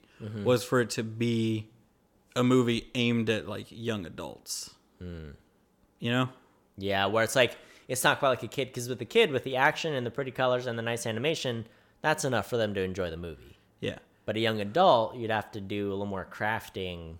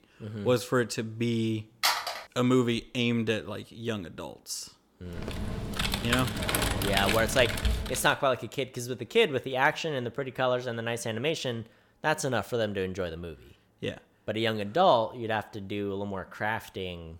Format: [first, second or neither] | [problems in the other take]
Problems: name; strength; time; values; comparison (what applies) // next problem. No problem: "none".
first | phone ringing; loud; at 2 s; peak 3 dB above the speech // keyboard typing; loud; from 5 to 8 s; peak 2 dB above the speech